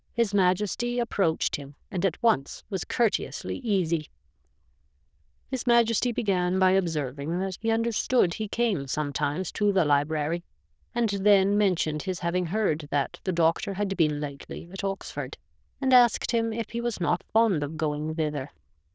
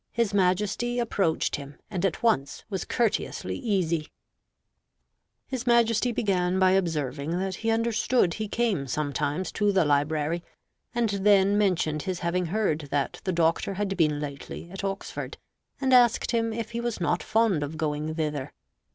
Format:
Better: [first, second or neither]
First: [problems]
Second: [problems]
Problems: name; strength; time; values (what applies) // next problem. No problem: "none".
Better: second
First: noise reduction (neural diffusion model UNIVERSE++)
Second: none